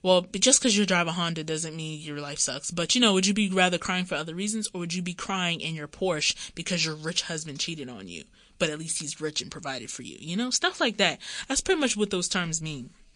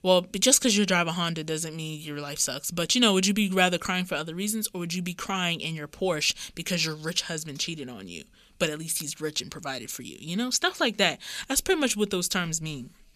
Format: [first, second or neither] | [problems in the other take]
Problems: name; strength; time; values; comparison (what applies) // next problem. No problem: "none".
second | garbled, watery; slightly; nothing above 8.5 kHz